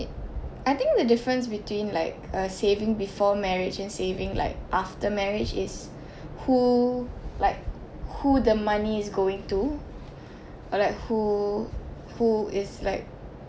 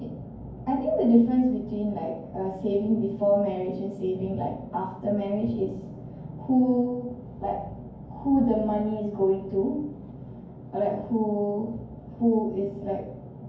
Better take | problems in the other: first | room echo; dies away in 0.9 s

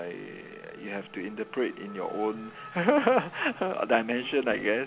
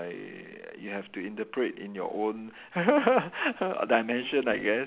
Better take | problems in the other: second | background sound (Race car, auto racing / Accelerating, revving, vroom); 20 dB below the speech

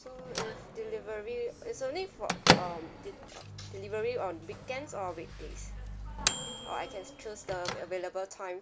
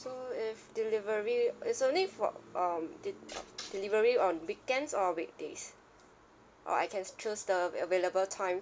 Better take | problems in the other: second | background sound (Microwave oven / Bell); 3 dB above the speech

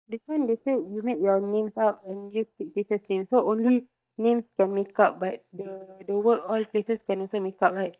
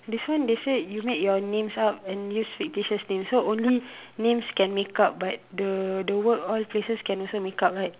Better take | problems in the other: second | noise reduction (neural mask model DeepFilterNet 3)

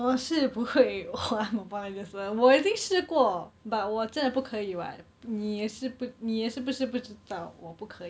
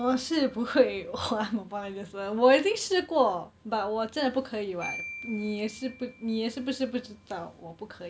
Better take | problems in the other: first | background sound (Marimba, xylophone); 19 dB below the speech

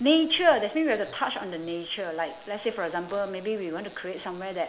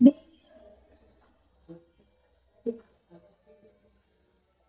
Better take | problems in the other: first | noise reduction (neural mask model DeepFilterNet 3)

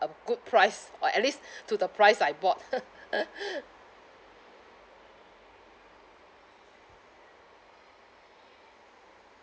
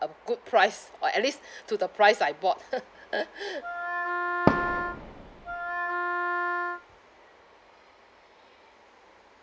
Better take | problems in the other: first | background sound (Wind instrument, woodwind instrument + Fireworks); 2 dB above the speech

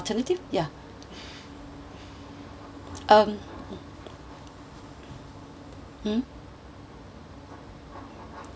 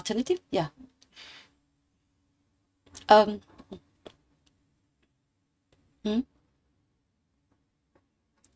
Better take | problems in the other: first | noise reduction (neural mask model RNNoise)

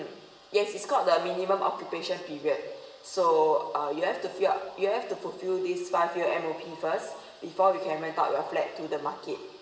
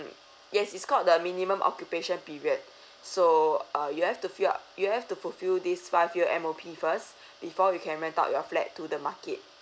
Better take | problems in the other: second | room echo; dies away in 1.1 s

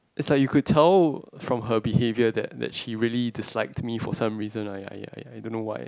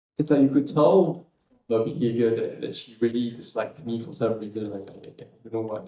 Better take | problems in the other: first | noise reduction (neural mask model DeepFilterNet 3)

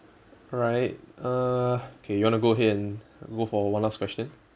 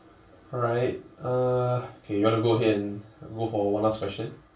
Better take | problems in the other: first | room echo; dies away in 0.2 s

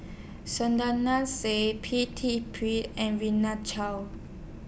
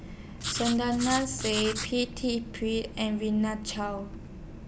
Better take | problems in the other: first | background sound (Writing); 6 dB below the speech

